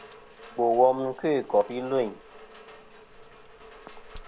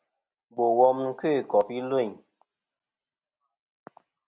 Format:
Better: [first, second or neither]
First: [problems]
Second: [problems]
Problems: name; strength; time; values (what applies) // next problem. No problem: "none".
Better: second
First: background sound (Rain); 19 dB below the speech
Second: none